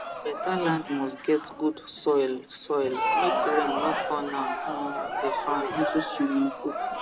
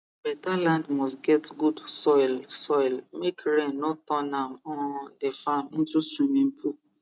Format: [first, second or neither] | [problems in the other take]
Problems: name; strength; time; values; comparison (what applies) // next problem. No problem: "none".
second | background sound (Crowd); 2 dB below the speech